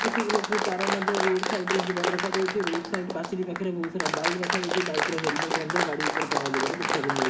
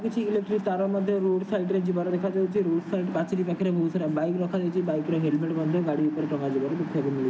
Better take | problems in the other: second | background sound (Applause); 1 dB above the speech // room echo; dies away in 0.3 s

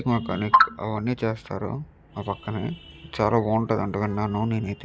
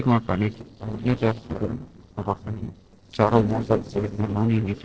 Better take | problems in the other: first | noise reduction (neural separator model SepFormer DNS4)

